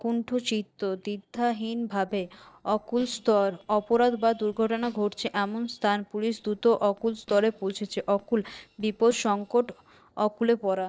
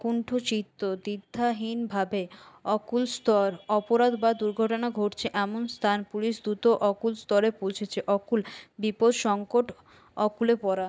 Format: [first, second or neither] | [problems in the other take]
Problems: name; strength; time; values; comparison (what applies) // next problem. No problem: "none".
second | noise reduction (neural separator model SepFormer DNS4)